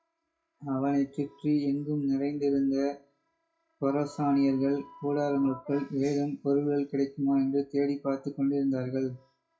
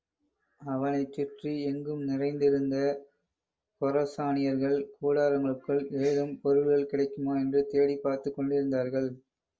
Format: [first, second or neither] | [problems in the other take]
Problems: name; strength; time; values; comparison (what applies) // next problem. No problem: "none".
second | noise reduction (classical method WPE with log-MMSE)